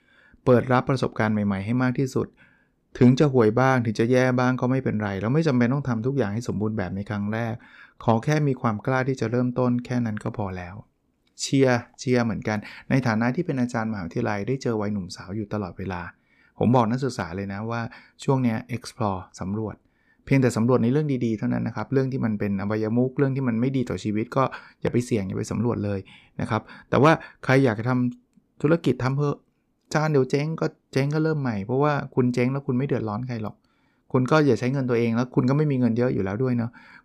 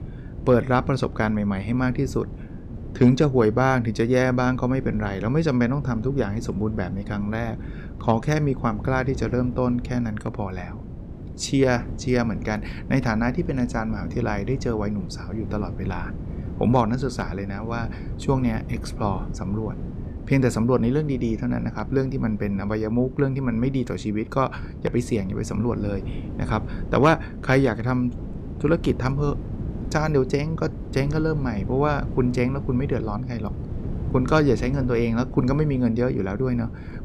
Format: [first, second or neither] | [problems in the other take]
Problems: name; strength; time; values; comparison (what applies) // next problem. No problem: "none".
first | wind noise on the microphone; occasional gusts; 15 dB below the speech